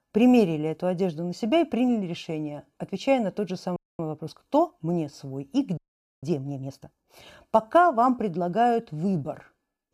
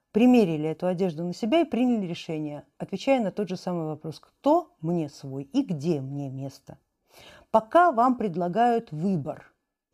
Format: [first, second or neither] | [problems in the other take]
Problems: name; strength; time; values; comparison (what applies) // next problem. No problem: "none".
second | audio freezing; at 4 s and at 6 s